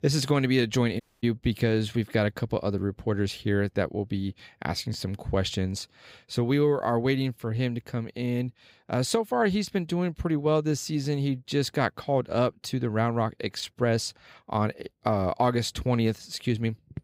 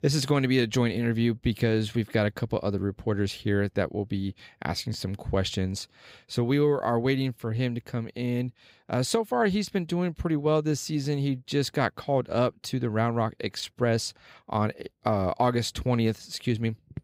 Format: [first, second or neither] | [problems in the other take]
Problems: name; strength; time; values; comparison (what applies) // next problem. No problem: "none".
second | audio cutting out; at 1 s